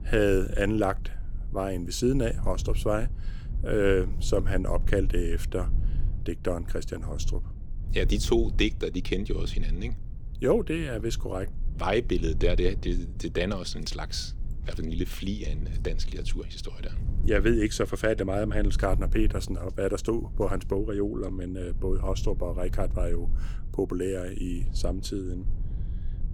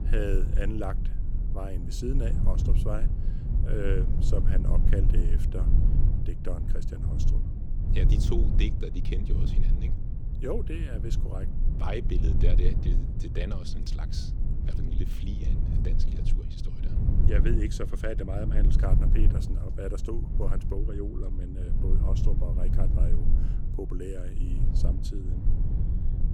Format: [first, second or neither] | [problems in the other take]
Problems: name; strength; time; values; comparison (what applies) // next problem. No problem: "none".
first | low rumble; loud; throughout; 4 dB below the speech; faint in the first